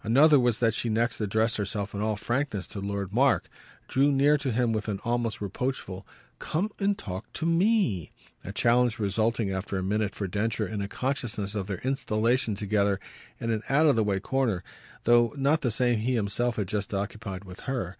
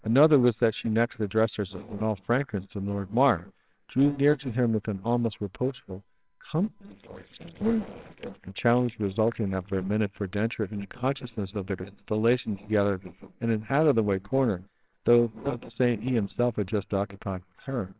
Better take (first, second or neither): first